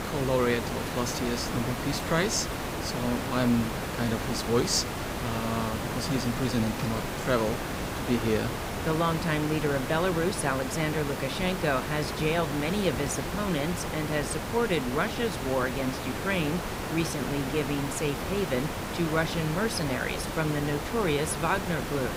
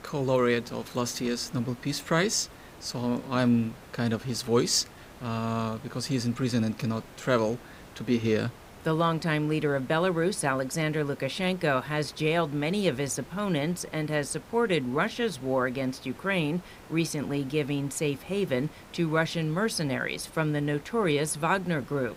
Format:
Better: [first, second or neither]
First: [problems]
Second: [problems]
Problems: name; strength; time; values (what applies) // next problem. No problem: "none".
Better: second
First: hiss; loud; throughout; 3 dB below the speech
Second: hiss; faint; throughout; 20 dB below the speech